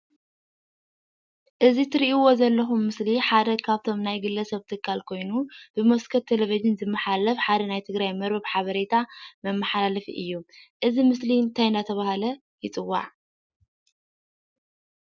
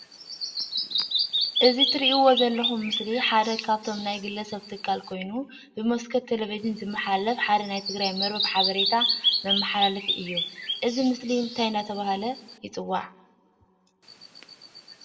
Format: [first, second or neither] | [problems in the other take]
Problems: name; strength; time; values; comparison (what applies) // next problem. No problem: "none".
first | background sound (Bird vocalization, bird call, bird song); 3 dB below the speech // room echo; dies away in 0.7 s